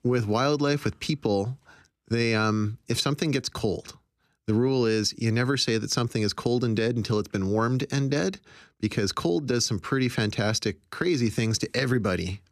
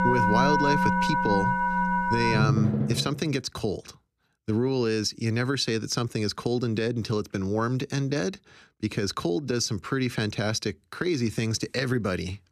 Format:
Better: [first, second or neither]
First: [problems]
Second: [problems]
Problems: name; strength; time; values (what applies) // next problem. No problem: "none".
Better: first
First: none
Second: background music; very loud; until 3 s; 3 dB above the speech